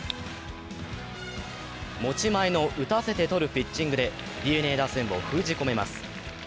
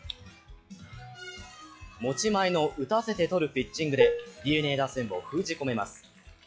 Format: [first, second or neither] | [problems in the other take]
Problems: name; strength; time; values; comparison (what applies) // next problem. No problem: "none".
first | noise reduction (classical method log-MMSE)